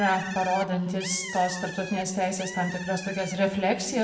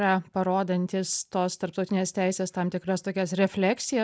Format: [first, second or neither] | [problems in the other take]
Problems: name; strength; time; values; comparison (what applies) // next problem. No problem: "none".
second | background sound (Bird); 13 dB below the speech // room echo; dies away in 1.2 s